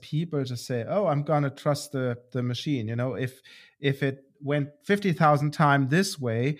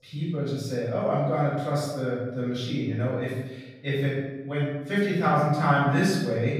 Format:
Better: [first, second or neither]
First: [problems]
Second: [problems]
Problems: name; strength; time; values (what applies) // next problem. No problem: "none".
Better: first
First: none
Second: room echo; noticeable; dies away in 0.9 s // off-mic speech; far